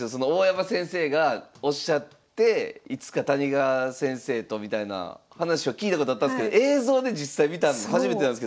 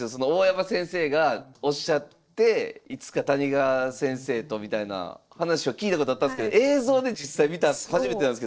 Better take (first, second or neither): first